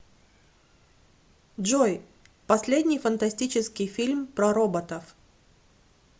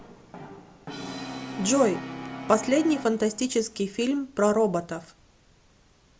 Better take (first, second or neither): first